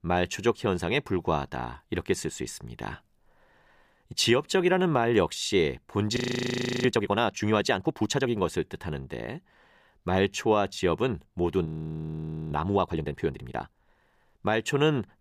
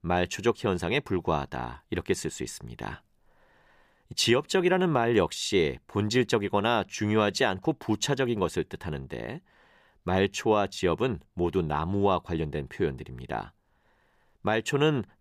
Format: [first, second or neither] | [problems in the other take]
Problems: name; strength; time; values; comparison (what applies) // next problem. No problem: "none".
second | audio freezing; at 6 s for 0.5 s and at 12 s for 1 s